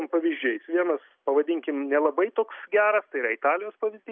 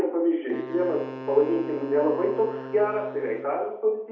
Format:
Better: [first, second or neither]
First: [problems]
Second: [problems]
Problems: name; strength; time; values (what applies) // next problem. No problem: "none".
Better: first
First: none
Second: background sound (Wind instrument, woodwind instrument); 13 dB below the speech // room echo; dies away in 0.8 s